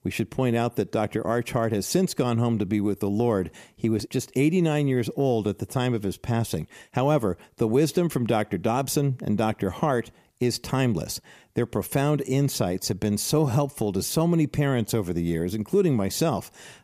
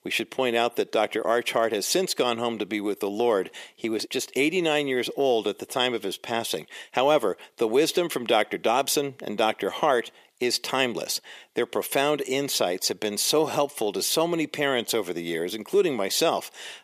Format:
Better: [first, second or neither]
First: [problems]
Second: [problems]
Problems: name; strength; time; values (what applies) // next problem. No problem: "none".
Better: first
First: none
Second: thin; somewhat; fading below 450 Hz